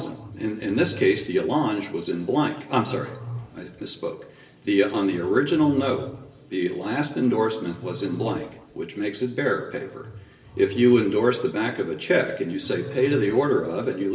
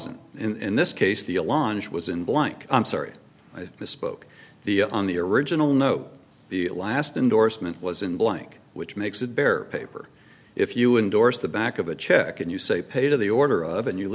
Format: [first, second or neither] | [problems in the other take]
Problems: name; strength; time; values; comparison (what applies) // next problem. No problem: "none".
second | background sound (Growling); 18 dB below the speech // room echo; dies away in 1 s